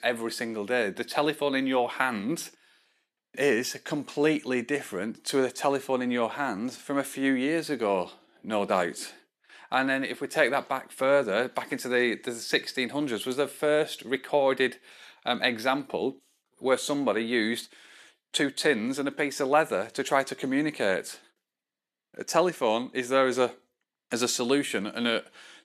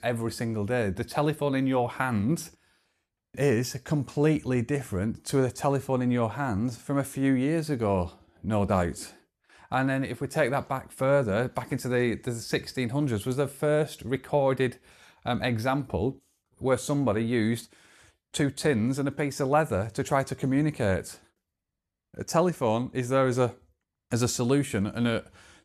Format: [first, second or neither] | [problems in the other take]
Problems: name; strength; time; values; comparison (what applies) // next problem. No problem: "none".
second | thin; very slightly; fading below 250 Hz